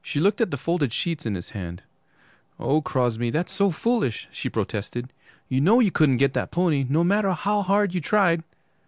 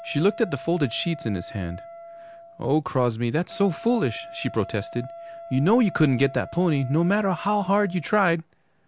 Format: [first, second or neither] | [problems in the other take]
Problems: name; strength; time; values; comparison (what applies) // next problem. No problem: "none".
first | background sound (Wind instrument, woodwind instrument); 17 dB below the speech